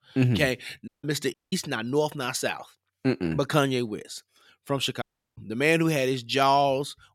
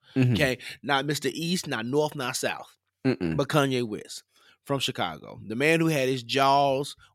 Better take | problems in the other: second | audio cutting out; at 1 s, at 1.5 s and at 5 s

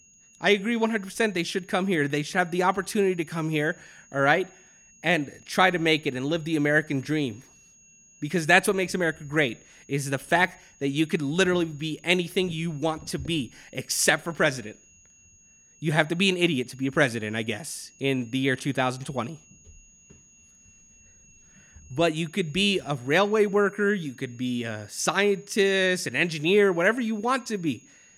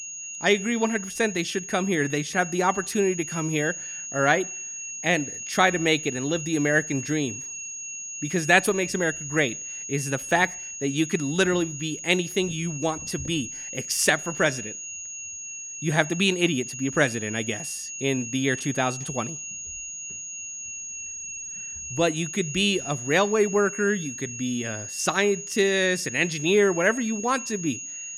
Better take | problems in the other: first | high-pitched whine; loud; throughout; 6.5 kHz, 8 dB below the speech; faint in the first

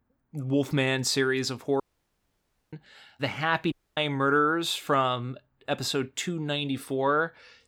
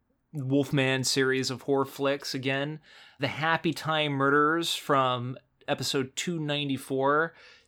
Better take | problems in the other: second | audio cutting out; at 2 s for 1 s and at 3.5 s

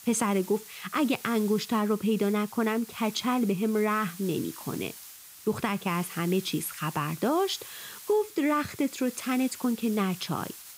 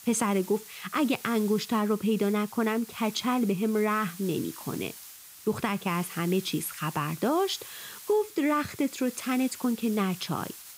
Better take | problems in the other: neither | hiss; noticeable; throughout; 15 dB below the speech; the same in both

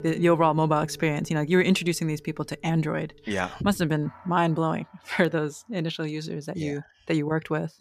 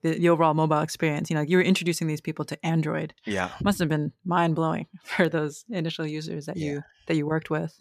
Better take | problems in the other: second | background music; faint; throughout; 20 dB below the speech

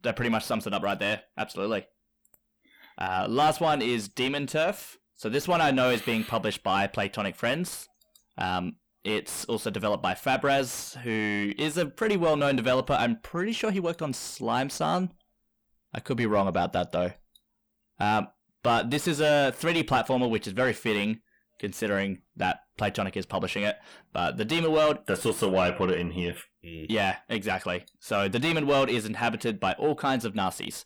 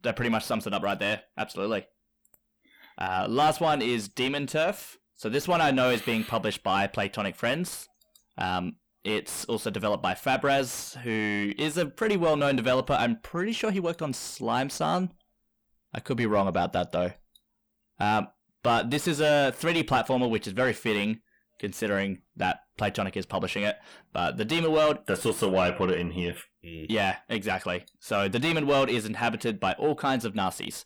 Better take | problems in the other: neither | distortion; heavy; 8 dB below the speech; the same in both

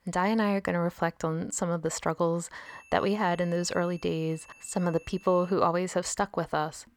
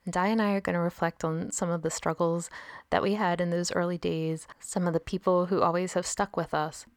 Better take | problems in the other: second | high-pitched whine; faint; from 2.5 to 5.5 s; 2.5 kHz, 25 dB below the speech

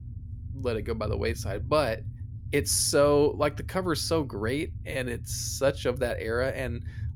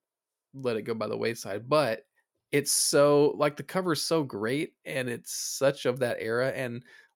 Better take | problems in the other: second | low rumble; faint; throughout; 25 dB below the speech

